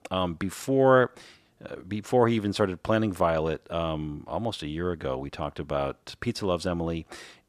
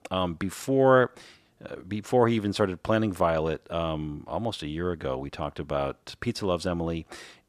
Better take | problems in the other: neither | none

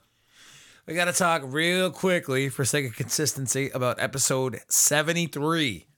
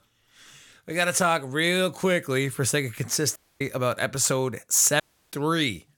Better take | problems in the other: first | audio cutting out; at 3.5 s and at 5 s

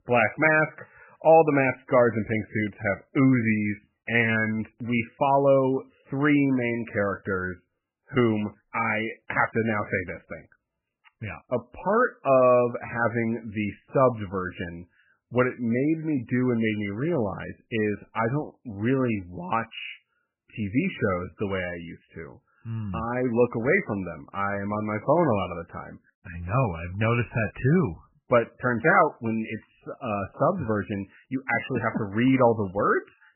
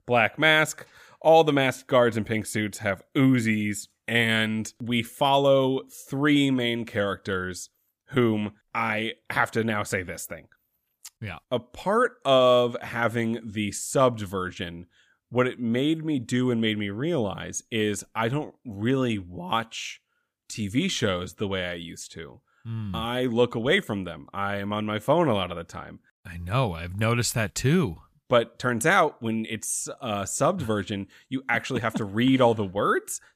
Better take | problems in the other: second | garbled, watery; badly; nothing above 3 kHz

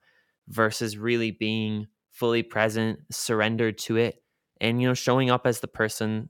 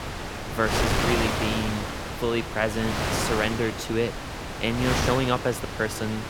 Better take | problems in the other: first | wind noise on the microphone; heavy; 1 dB below the speech

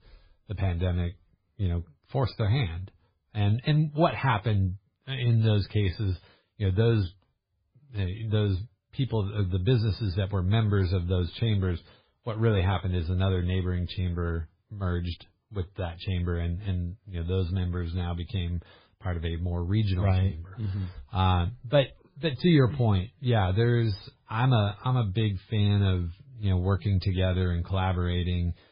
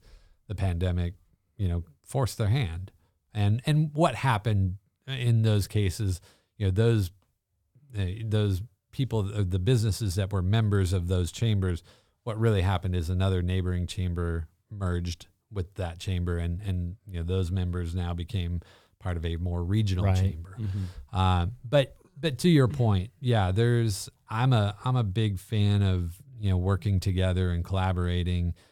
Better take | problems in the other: second | garbled, watery; badly; nothing above 5 kHz

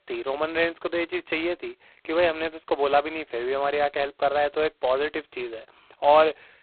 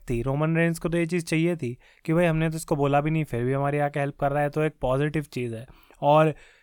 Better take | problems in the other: second | phone-call audio; poor line; nothing above 4 kHz

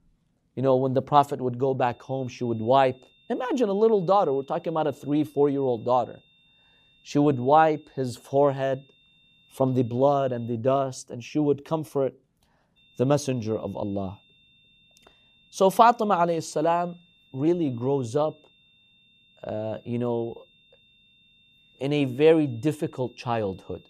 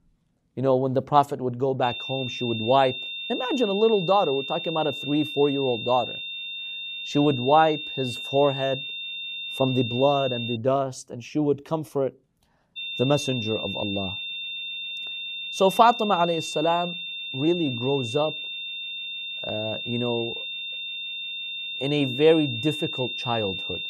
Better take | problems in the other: first | high-pitched whine; loud; from 2 to 11 s and from 13 s on; 3.5 kHz, 6 dB below the speech; faint in the first

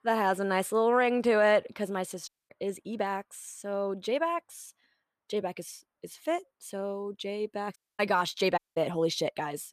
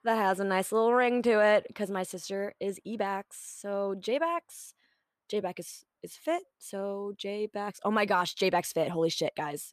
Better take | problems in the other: second | audio cutting out; at 2.5 s, at 8 s and at 8.5 s

